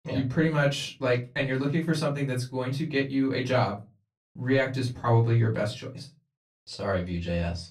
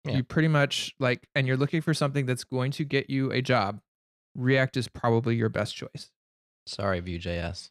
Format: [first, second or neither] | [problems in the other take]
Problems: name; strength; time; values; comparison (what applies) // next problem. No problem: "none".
second | off-mic speech; far // room echo; very slight; dies away in 0.2 s